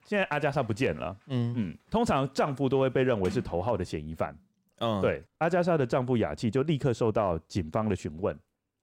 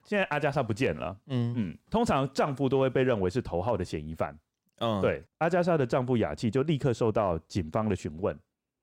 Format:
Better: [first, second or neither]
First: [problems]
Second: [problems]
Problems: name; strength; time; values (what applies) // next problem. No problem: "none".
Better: second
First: household noises; noticeable; throughout; 15 dB below the speech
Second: none